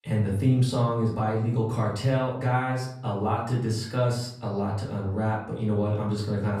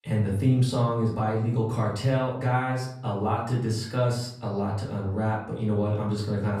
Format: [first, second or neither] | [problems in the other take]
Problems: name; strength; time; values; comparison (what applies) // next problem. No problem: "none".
neither | room echo; noticeable; dies away in 0.6 s; the same in both // off-mic speech; far; the same in both